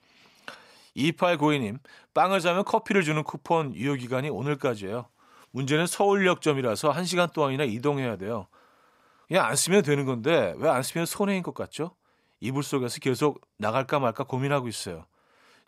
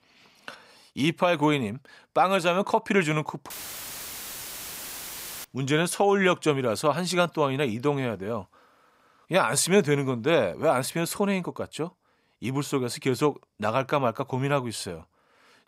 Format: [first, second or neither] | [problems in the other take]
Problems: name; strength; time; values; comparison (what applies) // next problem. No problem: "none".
first | audio cutting out; filled with static; at 3.5 s for 2 s